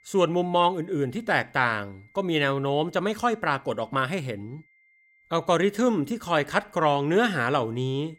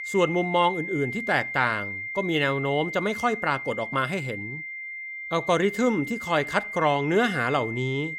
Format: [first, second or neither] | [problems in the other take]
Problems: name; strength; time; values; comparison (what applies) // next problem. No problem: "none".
first | high-pitched whine; loud; throughout; 2 kHz, 7 dB below the speech; faint in the first